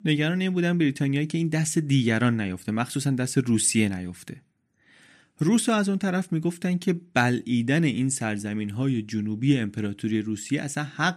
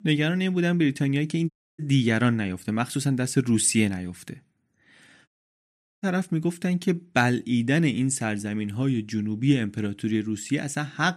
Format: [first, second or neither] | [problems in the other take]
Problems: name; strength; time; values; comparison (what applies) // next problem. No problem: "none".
first | audio cutting out; at 1.5 s and at 5.5 s for 0.5 s